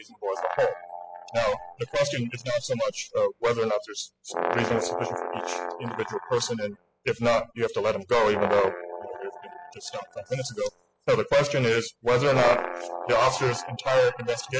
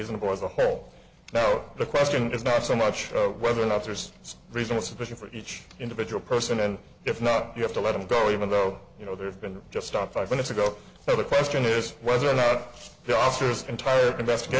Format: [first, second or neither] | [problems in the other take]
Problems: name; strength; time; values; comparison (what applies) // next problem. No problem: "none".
second | noise reduction (classical method spectral subtraction)